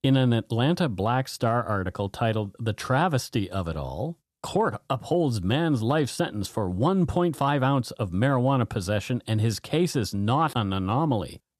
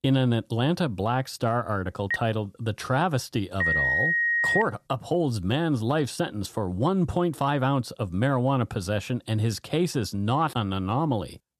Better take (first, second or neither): first